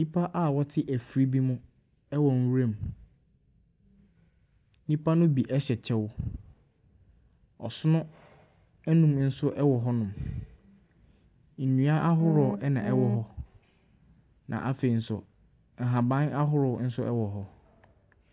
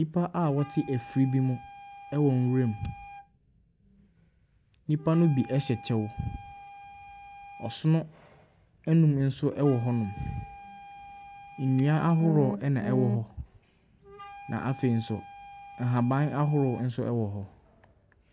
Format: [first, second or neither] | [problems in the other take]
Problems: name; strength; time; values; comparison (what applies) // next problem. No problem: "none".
first | background sound (Bicycle bell + Wind instrument, woodwind instrument); 19 dB below the speech